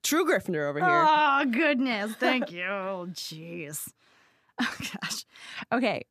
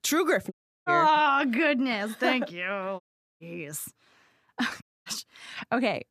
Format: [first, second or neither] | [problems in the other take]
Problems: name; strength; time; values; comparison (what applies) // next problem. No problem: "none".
first | audio cutting out; at 0.5 s, at 3 s and at 5 s